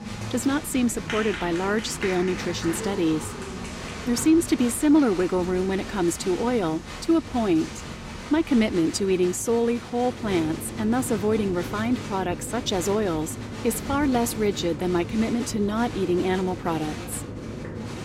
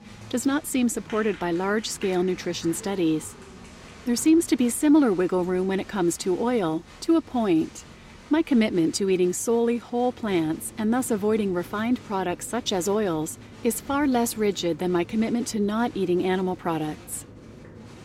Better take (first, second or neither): second